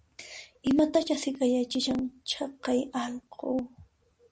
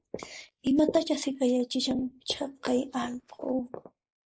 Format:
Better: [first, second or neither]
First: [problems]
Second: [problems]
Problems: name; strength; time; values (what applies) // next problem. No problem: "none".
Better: first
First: none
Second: noise reduction (neural mask model Resemble Enhance denoiser)